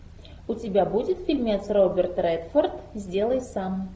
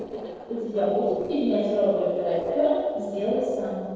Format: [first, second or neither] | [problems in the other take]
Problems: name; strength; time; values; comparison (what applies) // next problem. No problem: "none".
first | noise reduction (neural separator model SepFormer DNS4)